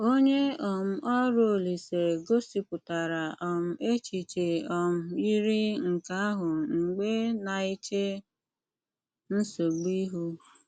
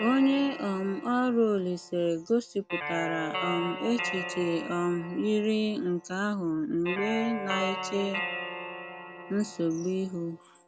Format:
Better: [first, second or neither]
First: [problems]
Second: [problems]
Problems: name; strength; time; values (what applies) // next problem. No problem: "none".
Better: first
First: none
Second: background sound (Guitar); 8 dB below the speech